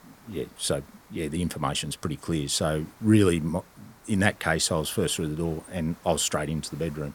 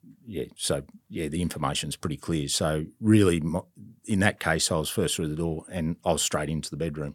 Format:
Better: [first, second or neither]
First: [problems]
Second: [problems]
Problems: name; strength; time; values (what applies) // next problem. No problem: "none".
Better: second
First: hiss; faint; throughout; 25 dB below the speech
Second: none